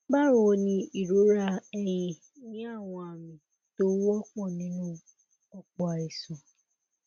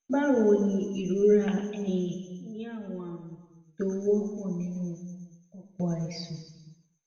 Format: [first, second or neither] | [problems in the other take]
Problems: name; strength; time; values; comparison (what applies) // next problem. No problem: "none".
first | room echo; dies away in 1.2 s